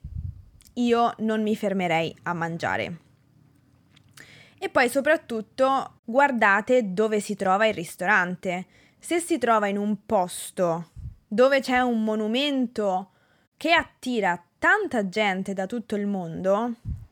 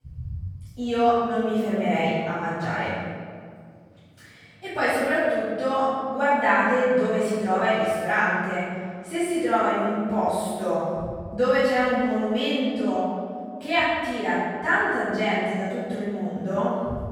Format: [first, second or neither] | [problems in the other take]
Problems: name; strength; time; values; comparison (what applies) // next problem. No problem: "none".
first | off-mic speech; far // room echo; strong; dies away in 1.8 s